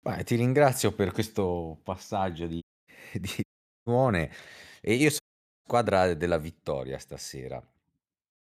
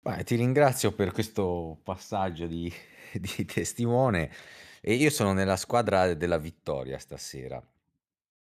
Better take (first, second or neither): second